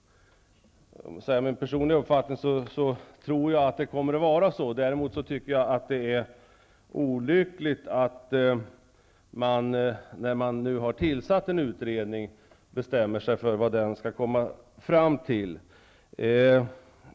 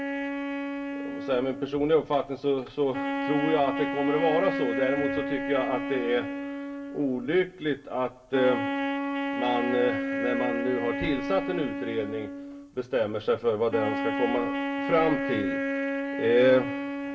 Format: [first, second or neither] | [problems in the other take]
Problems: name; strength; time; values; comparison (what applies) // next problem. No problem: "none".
first | background sound (Wind instrument, woodwind instrument); 3 dB below the speech // room echo; dies away in 0.2 s